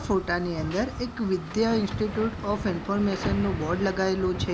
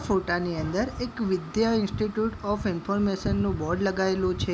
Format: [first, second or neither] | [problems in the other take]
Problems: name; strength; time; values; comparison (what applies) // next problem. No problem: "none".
second | background sound (Hammer); 12 dB below the speech